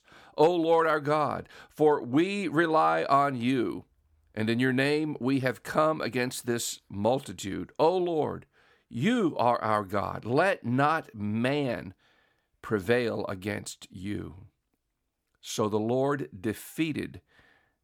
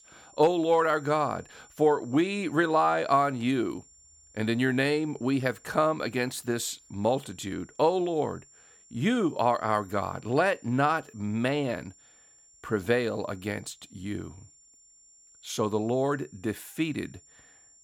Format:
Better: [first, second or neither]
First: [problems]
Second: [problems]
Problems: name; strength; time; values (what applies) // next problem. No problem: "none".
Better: first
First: none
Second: high-pitched whine; faint; throughout; 7 kHz, 25 dB below the speech